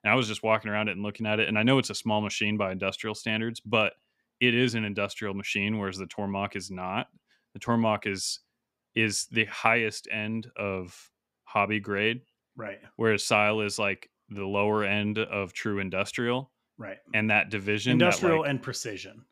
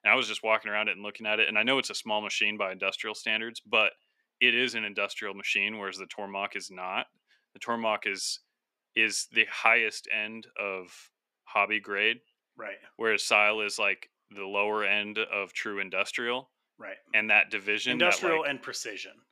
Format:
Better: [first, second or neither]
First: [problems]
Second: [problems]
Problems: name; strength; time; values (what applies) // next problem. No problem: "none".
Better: first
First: none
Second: thin; somewhat; fading below 350 Hz